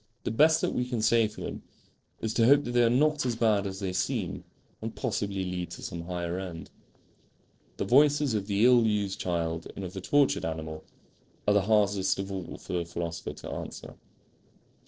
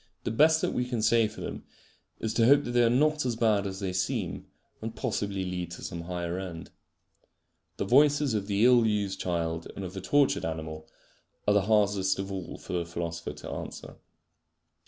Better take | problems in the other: second | noise reduction (neural separator model SepFormer DNS4)

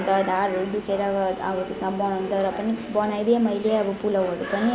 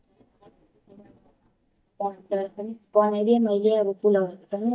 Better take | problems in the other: first | noise reduction (neural mask model DeepFilterNet 3)

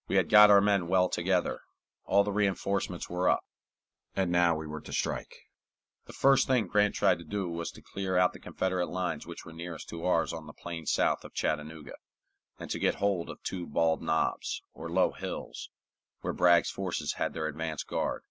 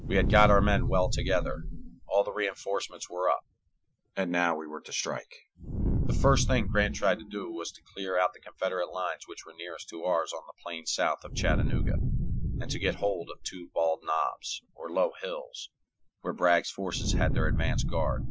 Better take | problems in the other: first | noise reduction (classical method Wiener filter)

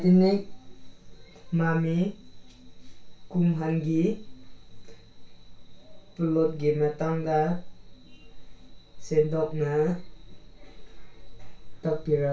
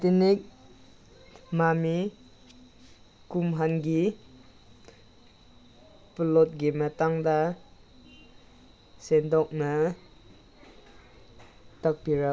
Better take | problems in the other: second | room echo; dies away in 0.3 s

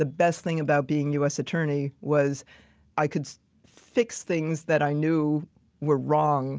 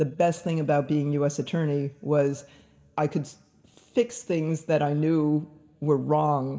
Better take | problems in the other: first | room echo; dies away in 0.9 s

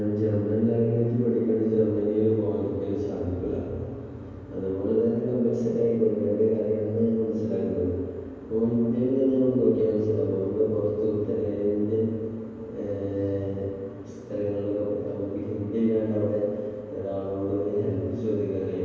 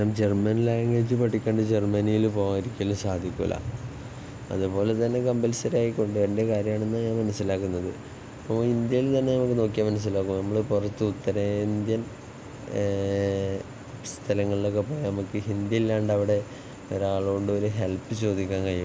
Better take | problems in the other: second | room echo; dies away in 2.2 s

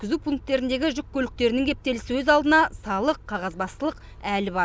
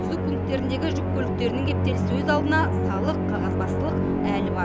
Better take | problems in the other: first | background sound (Musical instrument); 5 dB above the speech

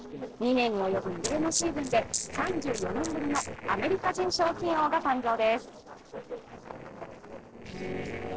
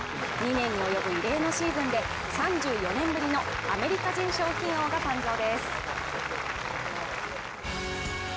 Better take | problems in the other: second | noise reduction (neural separator model SepFormer DNS4)

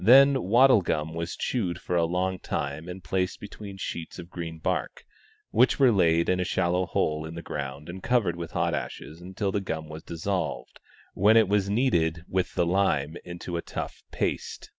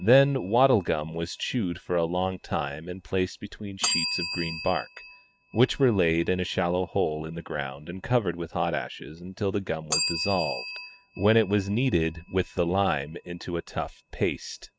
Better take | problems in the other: first | noise reduction (neural mask model RNNoise)

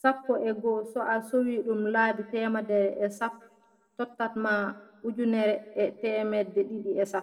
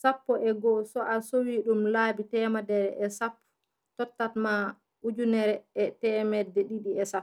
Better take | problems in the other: second | room echo; dies away in 0.8 s

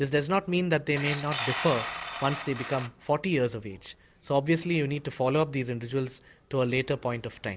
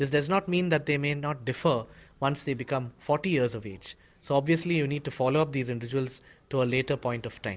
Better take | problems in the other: second | background sound (Tools); 8 dB below the speech

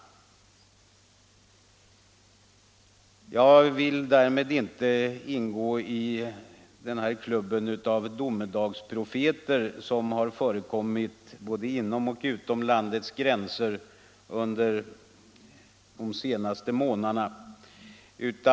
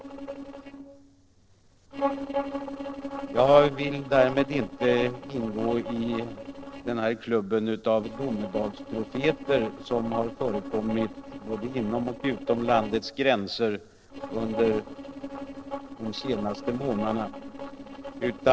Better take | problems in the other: first | noise reduction (neural separator model SepFormer DNS4)

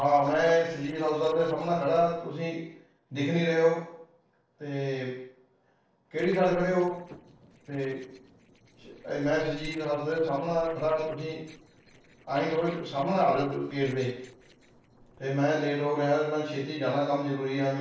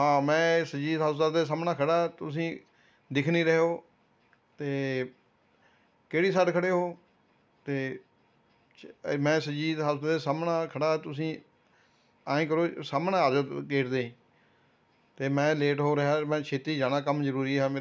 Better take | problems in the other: second | noise reduction (neural separator model SepFormer DNS4)

